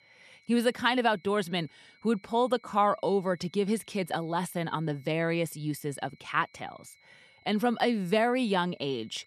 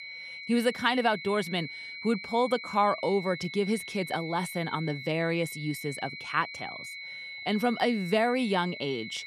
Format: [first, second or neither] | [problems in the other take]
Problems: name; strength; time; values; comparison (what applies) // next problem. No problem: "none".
first | high-pitched whine; loud; throughout; 2 kHz, 10 dB below the speech; faint in the first